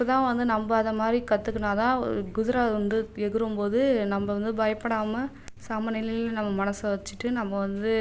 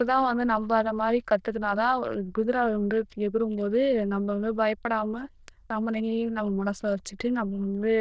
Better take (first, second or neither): first